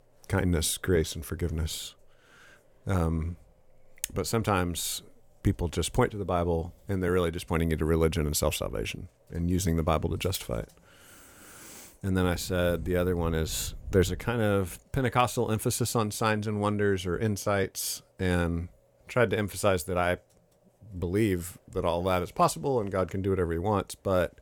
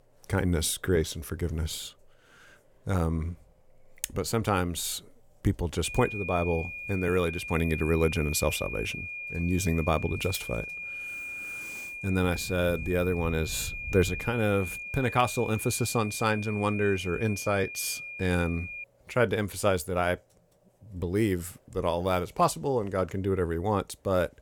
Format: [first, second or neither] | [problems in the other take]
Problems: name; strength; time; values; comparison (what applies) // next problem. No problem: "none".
first | high-pitched whine; loud; from 6 to 19 s; 2.5 kHz, 8 dB below the speech